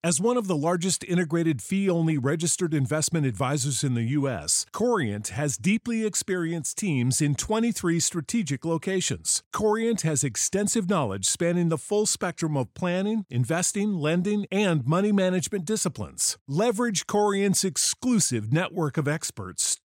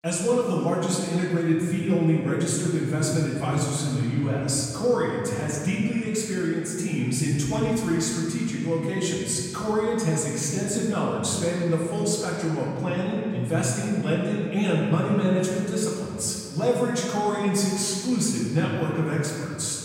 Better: first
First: none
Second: off-mic speech; far // room echo; noticeable; dies away in 2.1 s

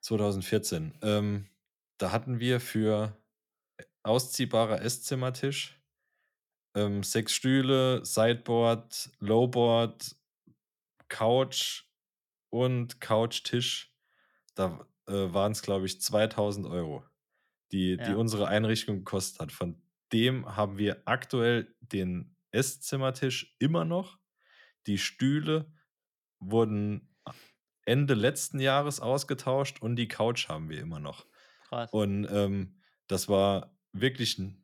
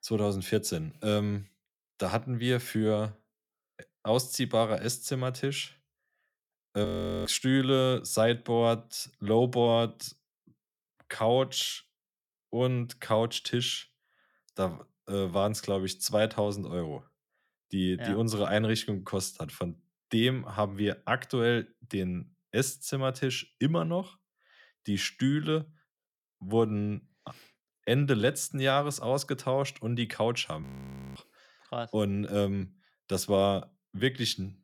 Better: first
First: none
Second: audio freezing; at 7 s and at 31 s for 0.5 s

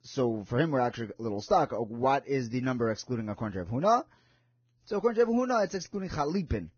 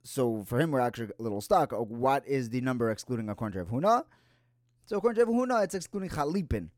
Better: second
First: garbled, watery; badly; nothing above 6.5 kHz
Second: none

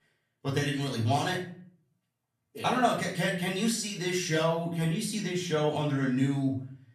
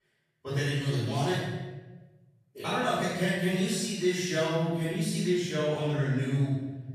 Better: first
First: room echo; slight; dies away in 0.4 s // off-mic speech; far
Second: room echo; strong; dies away in 1.2 s // off-mic speech; far

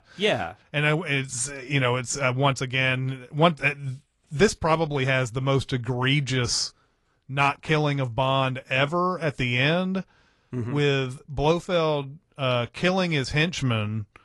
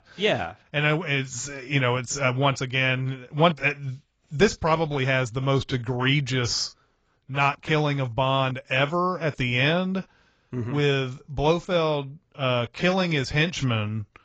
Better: first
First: garbled, watery; slightly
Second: garbled, watery; badly; nothing above 7.5 kHz

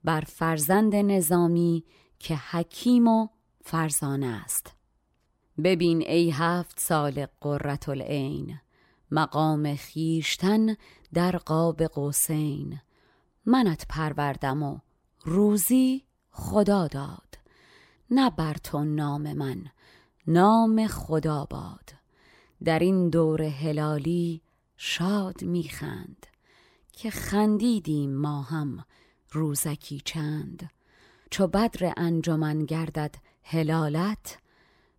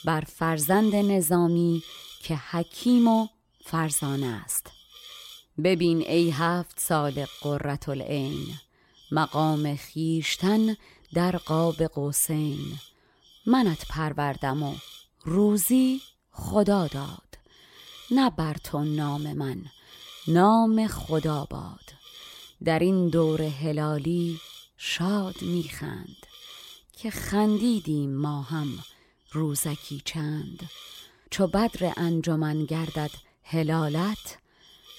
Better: first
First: none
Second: hiss; noticeable; throughout; 20 dB below the speech

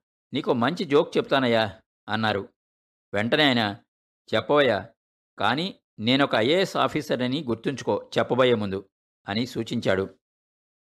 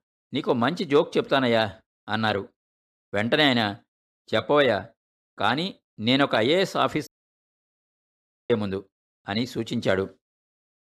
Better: first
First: none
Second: audio cutting out; at 7 s for 1.5 s

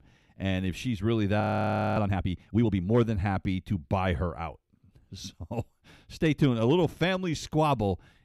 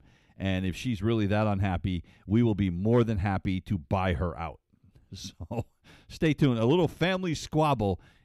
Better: second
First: audio freezing; at 1.5 s for 0.5 s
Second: none

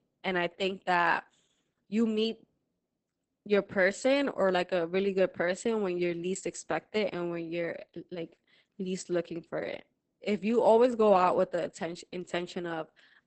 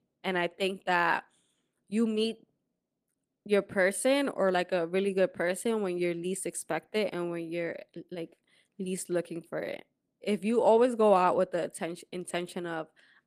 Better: second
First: garbled, watery; badly; nothing above 8 kHz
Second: garbled, watery; slightly; nothing above 14.5 kHz

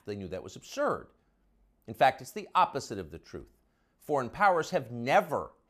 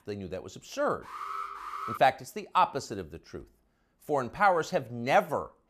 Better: first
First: none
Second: alarm; noticeable; at 1 s; peak 8 dB below the speech

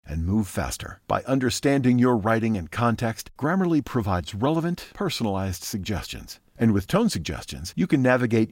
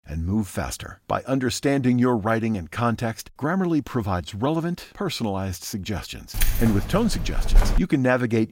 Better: first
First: none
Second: jangling keys; loud; from 6.5 to 8 s; peak 1 dB above the speech

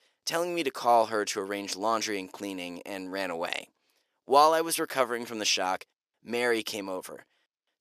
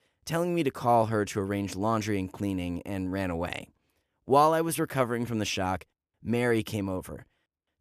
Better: second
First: thin; somewhat; fading below 400 Hz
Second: none

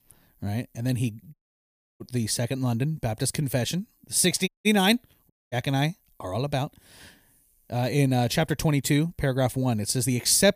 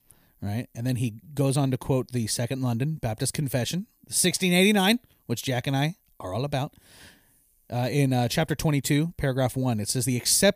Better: second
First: audio cutting out; at 1.5 s for 0.5 s, at 4.5 s and at 5.5 s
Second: none

